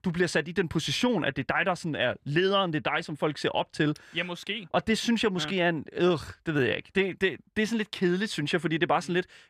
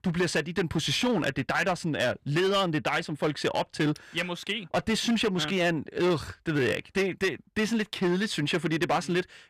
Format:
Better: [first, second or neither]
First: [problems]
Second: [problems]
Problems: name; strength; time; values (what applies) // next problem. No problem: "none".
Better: first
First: none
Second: distortion; slight; 10% of the sound clipped